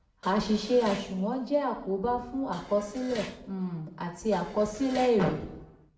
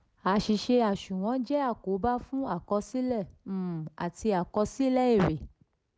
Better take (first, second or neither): second